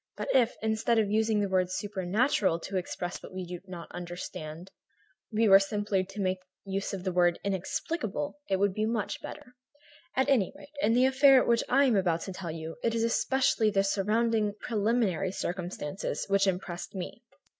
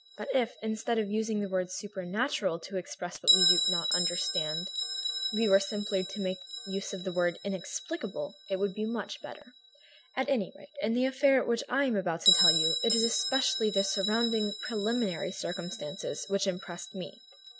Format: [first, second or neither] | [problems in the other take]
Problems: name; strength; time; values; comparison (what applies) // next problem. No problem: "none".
first | background sound (Bell); 3 dB below the speech